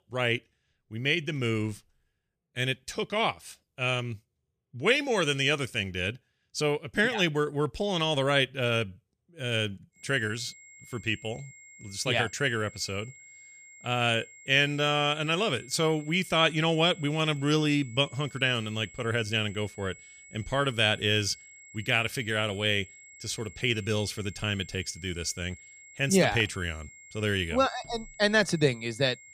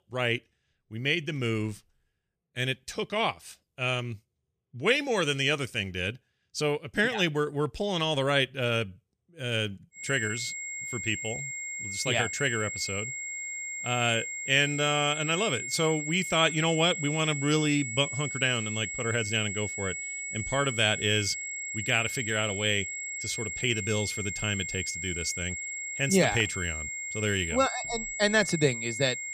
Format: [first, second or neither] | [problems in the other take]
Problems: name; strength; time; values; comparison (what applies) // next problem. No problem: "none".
first | high-pitched whine; loud; from 10 s on; 2 kHz, 5 dB below the speech; faint in the first